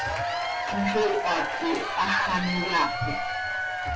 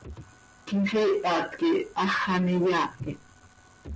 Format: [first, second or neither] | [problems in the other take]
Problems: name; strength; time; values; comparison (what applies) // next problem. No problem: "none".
second | background sound (Applause / Crowd / Cheering); 1 dB below the speech // room echo; dies away in 0.2 s